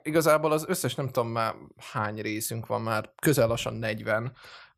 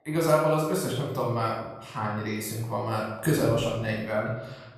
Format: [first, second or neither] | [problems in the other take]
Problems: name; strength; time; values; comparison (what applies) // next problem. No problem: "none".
first | off-mic speech; far // room echo; noticeable; dies away in 0.8 s